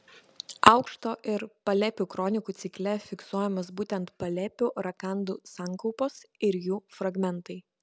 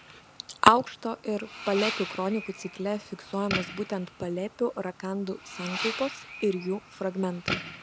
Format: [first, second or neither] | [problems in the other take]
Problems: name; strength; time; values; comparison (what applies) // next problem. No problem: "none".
first | background sound (Fireworks); 10 dB below the speech